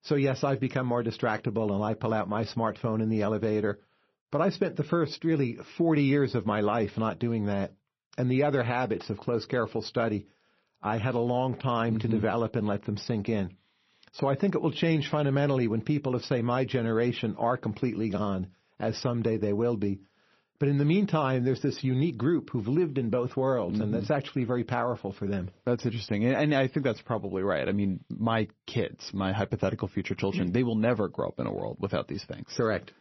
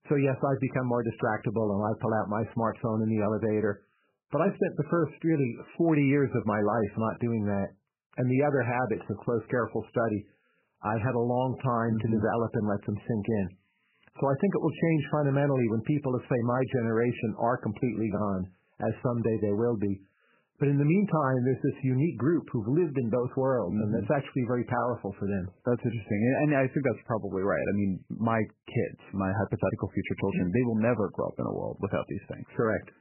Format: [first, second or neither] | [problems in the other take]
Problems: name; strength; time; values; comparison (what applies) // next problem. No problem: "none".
first | garbled, watery; badly; nothing above 3 kHz; slightly in the first